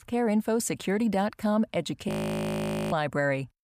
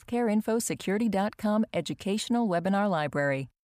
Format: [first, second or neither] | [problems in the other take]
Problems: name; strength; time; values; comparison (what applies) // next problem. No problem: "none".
second | audio freezing; at 2 s for 1 s